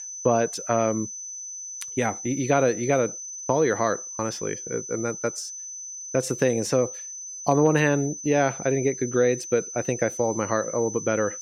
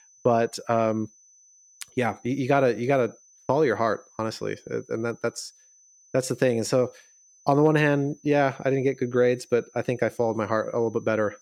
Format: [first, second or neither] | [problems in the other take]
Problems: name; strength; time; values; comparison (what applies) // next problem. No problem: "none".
second | high-pitched whine; loud; throughout; 6 kHz, 9 dB below the speech; faint in the second